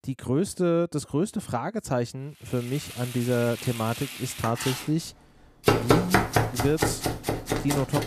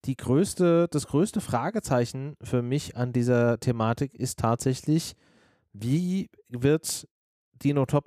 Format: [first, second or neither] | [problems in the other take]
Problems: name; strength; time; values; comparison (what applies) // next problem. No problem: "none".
second | household noises; very loud; from 2.5 s on; as loud as the speech